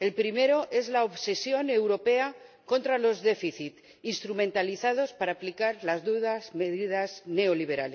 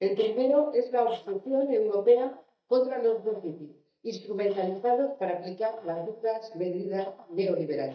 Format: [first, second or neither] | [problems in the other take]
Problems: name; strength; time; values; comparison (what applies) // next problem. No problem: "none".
first | noise reduction (neural mask model DeepFilterNet 3)